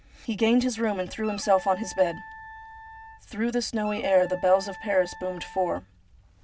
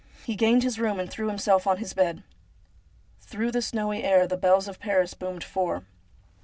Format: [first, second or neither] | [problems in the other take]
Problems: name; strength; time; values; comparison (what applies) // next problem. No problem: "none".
second | background sound (Wind instrument, woodwind instrument); 17 dB below the speech